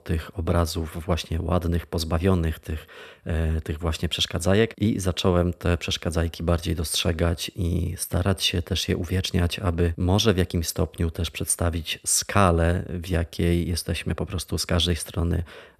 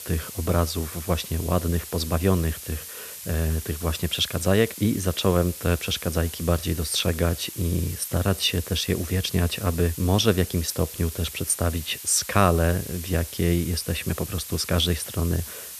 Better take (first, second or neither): first